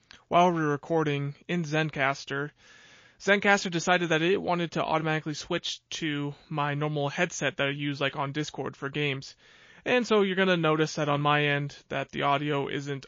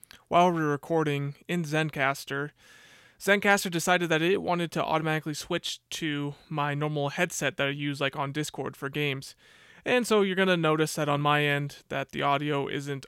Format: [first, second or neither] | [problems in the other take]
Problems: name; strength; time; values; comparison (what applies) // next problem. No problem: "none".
second | garbled, watery; slightly; nothing above 6.5 kHz